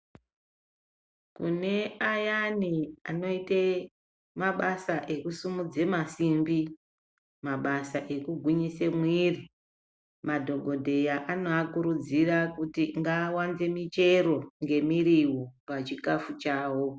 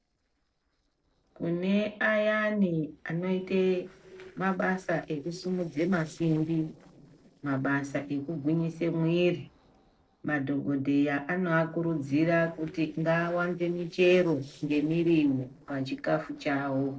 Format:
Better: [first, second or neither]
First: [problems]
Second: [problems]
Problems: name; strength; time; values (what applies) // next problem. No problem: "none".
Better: first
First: none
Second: noise reduction (neural separator model SepFormer DNS4)